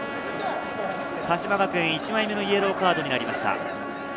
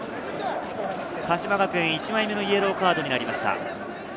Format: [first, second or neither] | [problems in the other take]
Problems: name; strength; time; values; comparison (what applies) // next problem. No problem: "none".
second | background sound (Trumpet); 11 dB below the speech